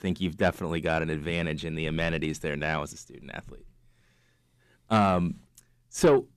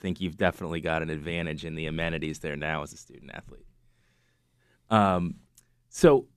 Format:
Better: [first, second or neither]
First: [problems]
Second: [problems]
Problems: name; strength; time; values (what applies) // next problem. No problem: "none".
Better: second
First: distortion; slight; 10 dB below the speech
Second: none